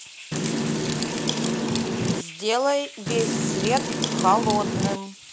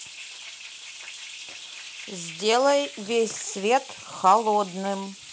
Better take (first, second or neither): second